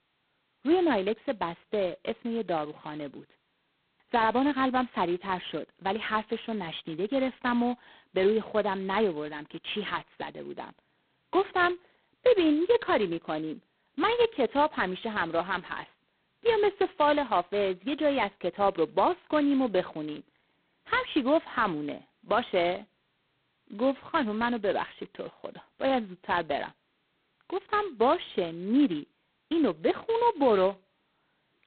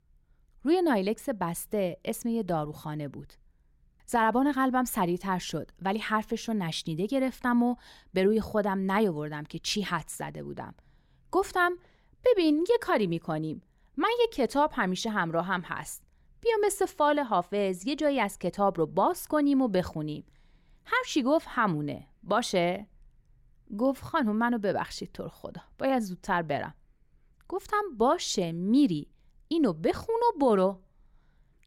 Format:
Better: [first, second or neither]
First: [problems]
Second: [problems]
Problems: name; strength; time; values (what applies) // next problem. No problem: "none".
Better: second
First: phone-call audio; poor line; nothing above 4 kHz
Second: none